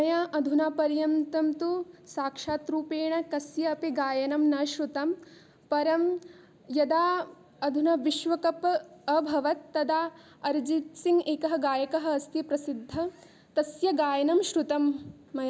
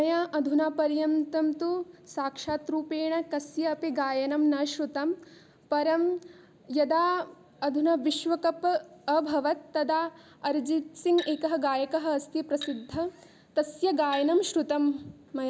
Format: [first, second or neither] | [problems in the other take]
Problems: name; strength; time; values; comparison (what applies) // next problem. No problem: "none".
first | background sound (Glass); 19 dB below the speech